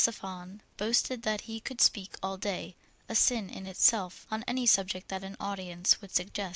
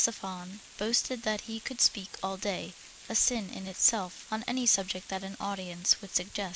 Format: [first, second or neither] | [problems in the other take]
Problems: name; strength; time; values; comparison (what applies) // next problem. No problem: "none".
first | noise reduction (neural mask model Resemble Enhance denoiser)